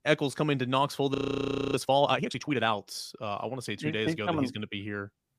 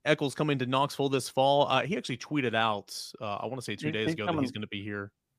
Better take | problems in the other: second | audio freezing; at 1 s for 0.5 s

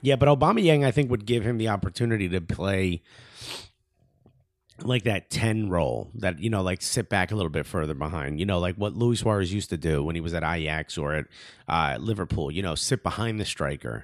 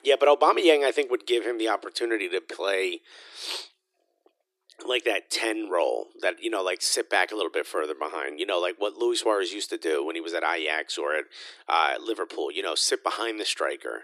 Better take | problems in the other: first | thin; very; fading below 350 Hz

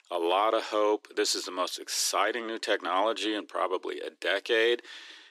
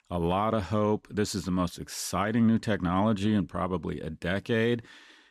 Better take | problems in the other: second | thin; very; fading below 350 Hz

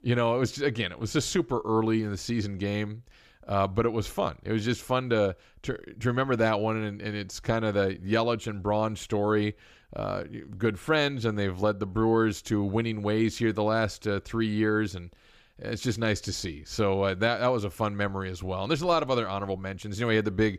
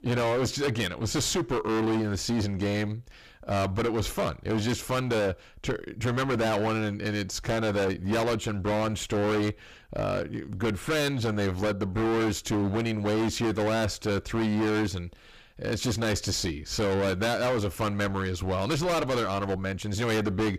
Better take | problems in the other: first | distortion; heavy; 25% of the sound clipped

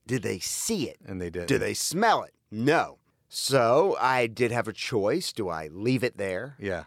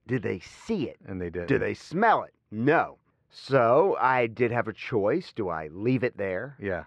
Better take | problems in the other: first | muffled; very; fading above 2 kHz

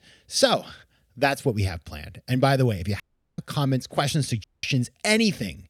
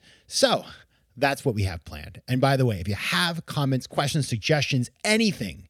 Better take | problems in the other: second | audio cutting out; at 3 s and at 4.5 s

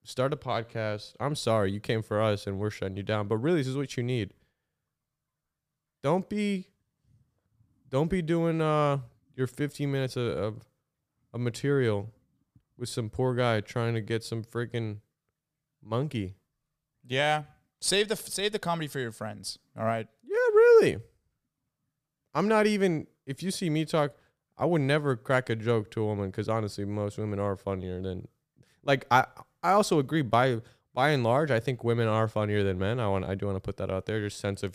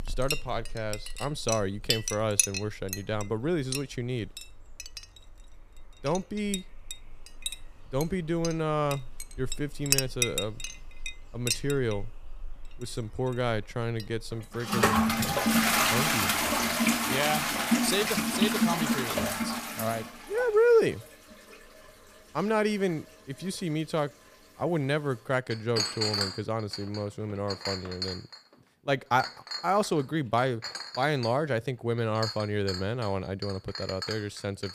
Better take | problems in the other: first | household noises; very loud; throughout; 1 dB above the speech

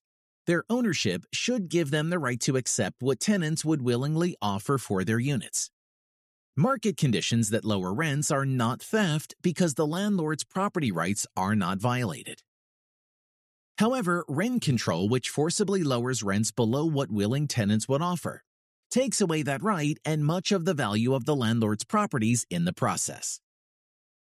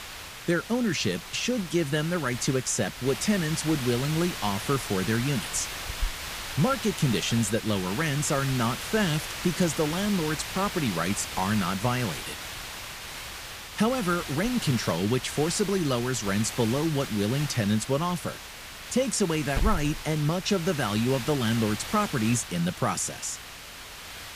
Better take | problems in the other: first | hiss; loud; throughout; 8 dB below the speech

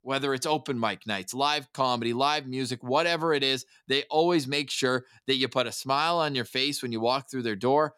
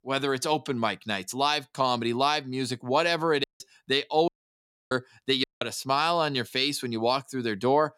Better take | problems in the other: first | audio cutting out; at 3.5 s, at 4.5 s for 0.5 s and at 5.5 s

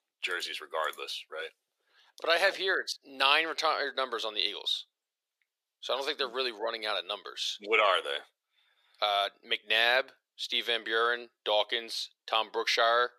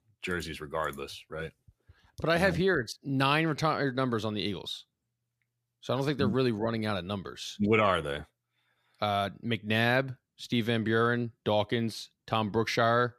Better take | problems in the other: second | thin; very; fading below 450 Hz

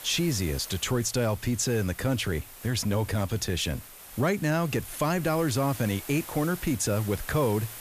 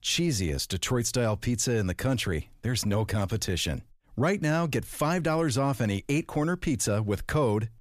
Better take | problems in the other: second | hiss; noticeable; throughout; 15 dB below the speech

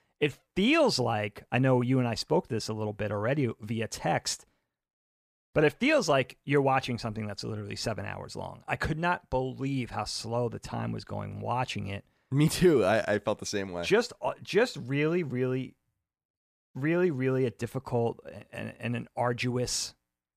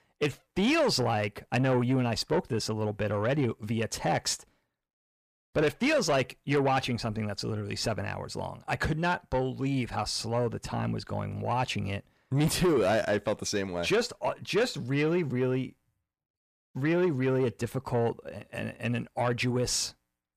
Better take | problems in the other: first | distortion; slight; 10 dB below the speech

